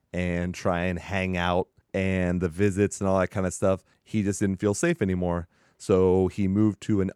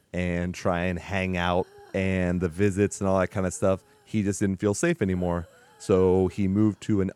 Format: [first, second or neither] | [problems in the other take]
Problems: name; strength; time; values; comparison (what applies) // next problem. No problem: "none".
first | hiss; faint; throughout; 30 dB below the speech